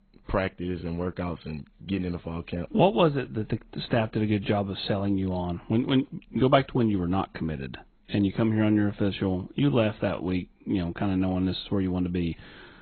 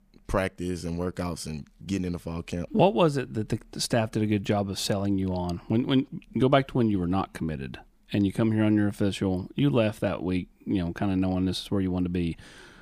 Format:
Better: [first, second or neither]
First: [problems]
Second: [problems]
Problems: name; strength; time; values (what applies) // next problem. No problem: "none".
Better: second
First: garbled, watery; badly; nothing above 4 kHz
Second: none